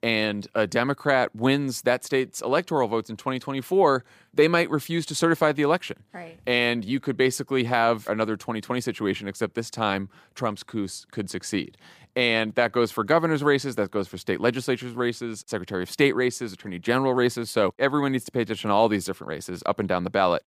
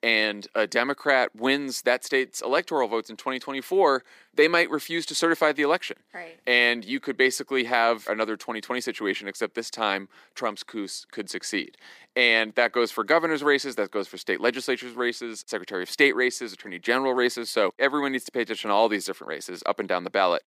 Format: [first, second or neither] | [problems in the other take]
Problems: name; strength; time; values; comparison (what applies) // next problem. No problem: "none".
first | thin; very slightly; fading below 300 Hz